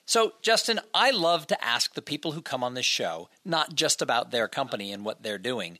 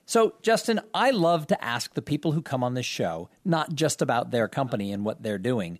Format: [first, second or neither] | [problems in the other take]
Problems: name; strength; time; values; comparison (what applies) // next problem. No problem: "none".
second | thin; somewhat; fading below 650 Hz